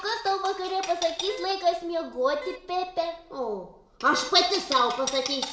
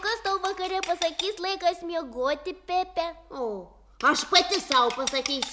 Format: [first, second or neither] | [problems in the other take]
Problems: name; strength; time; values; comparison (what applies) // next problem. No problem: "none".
second | background sound (Wind instrument, woodwind instrument); 17 dB below the speech // room echo; dies away in 0.5 s